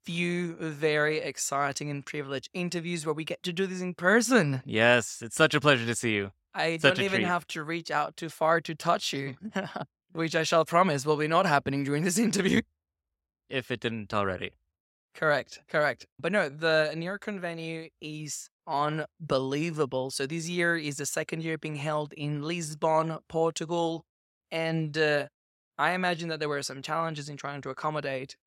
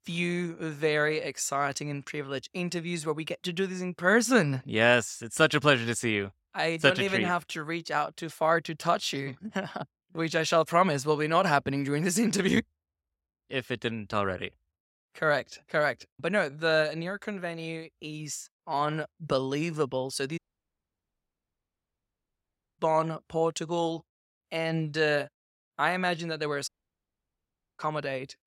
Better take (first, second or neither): first